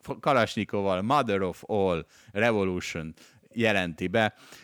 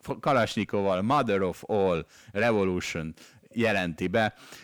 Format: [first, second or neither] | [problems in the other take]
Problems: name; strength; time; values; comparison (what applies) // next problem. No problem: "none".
first | distortion; slight; 10 dB below the speech